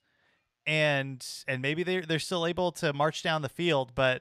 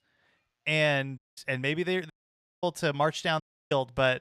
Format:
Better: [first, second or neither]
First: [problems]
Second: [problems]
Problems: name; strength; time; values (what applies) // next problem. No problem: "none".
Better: first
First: none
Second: audio cutting out; at 1 s, at 2 s for 0.5 s and at 3.5 s